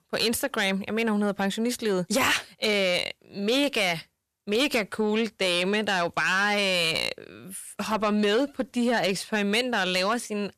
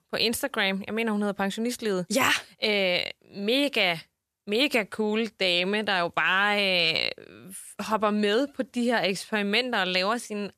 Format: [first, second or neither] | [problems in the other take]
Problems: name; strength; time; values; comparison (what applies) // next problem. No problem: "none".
second | distortion; slight; 10 dB below the speech